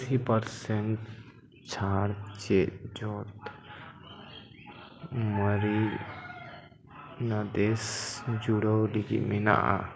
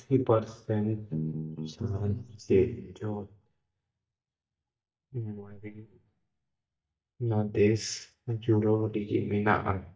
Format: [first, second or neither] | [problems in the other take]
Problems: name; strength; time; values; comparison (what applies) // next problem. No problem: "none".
first | noise reduction (neural mask model DeepFilterNet 3)